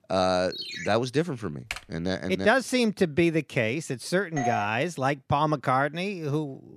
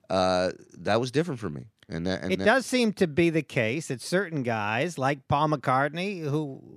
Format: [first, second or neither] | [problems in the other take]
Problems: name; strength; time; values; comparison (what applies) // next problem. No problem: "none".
second | phone ringing; noticeable; at 0.5 s; peak 8 dB below the speech // keyboard typing; faint; at 1.5 s; peak 10 dB below the speech // doorbell; noticeable; at 4.5 s; peak 3 dB below the speech